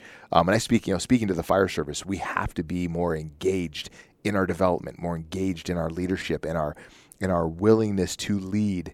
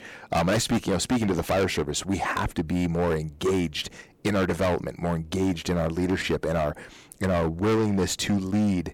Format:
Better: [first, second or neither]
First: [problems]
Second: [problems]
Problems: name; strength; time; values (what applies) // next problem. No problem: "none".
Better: first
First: none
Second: distortion; heavy; 14% of the sound clipped